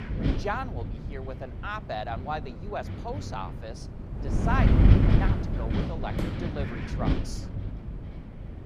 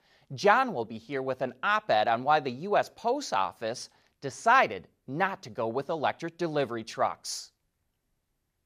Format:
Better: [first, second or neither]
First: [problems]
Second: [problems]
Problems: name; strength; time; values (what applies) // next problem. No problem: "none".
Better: second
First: wind noise on the microphone; heavy; 2 dB below the speech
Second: none